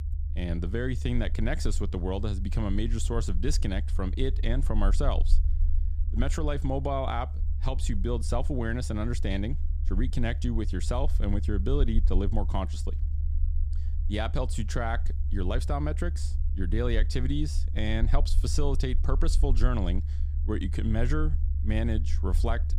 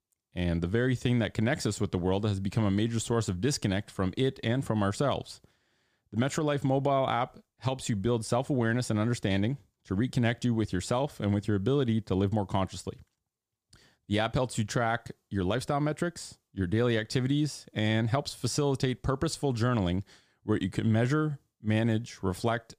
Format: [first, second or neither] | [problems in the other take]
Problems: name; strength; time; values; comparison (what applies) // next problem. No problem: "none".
second | low rumble; noticeable; throughout; 15 dB below the speech